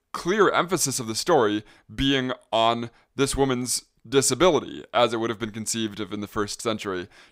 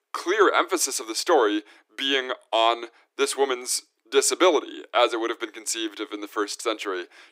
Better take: first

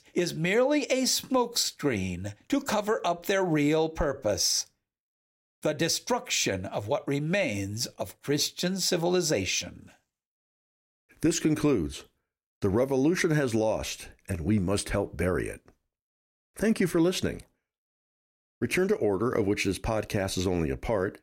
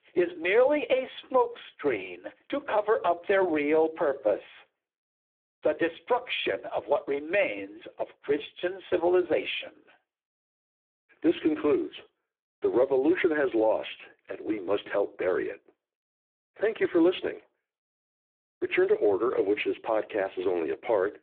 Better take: first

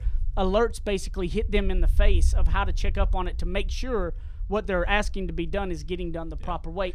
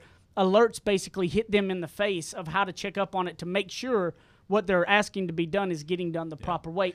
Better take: second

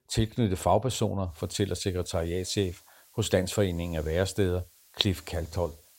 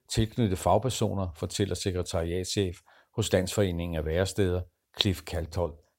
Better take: second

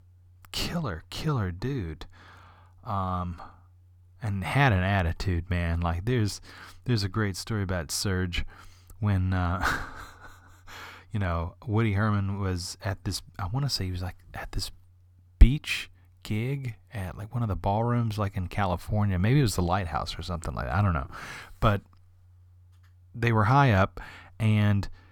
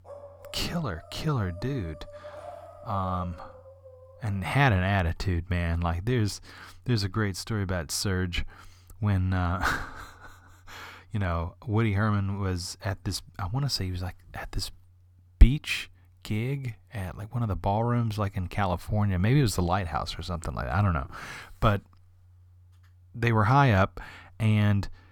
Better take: first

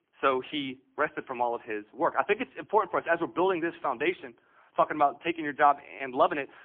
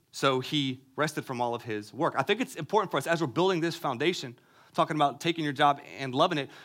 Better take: second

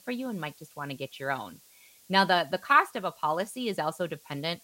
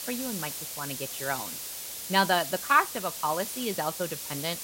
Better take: first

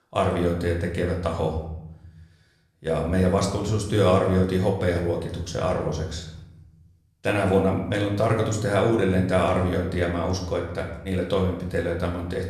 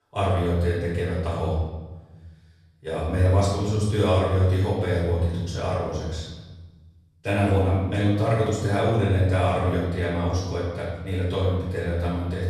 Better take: first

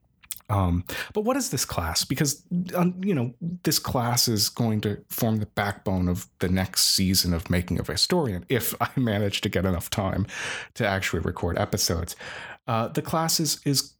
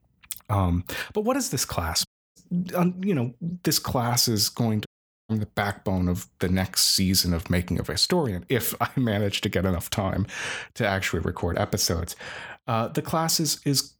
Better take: first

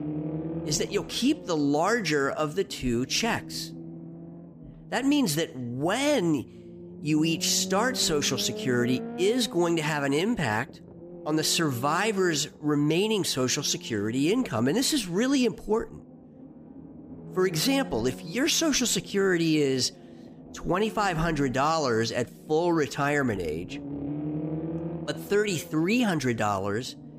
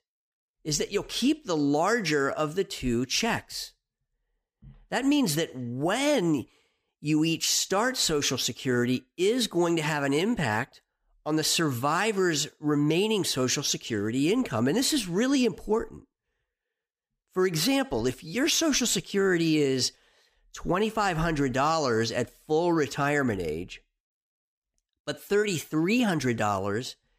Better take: second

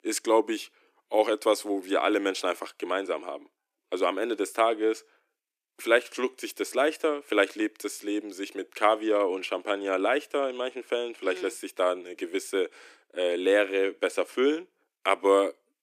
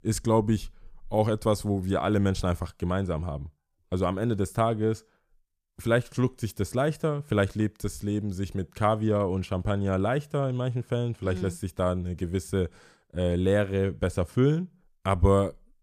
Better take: second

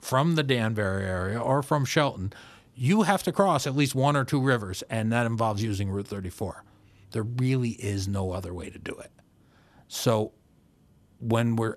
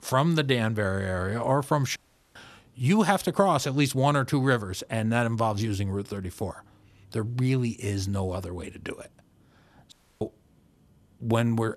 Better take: first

